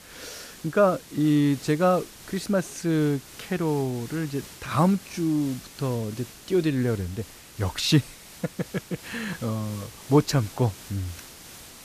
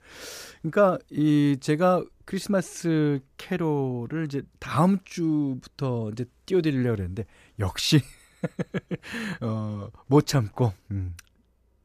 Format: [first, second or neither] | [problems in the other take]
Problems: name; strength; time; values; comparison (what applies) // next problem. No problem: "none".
second | hiss; noticeable; throughout; 15 dB below the speech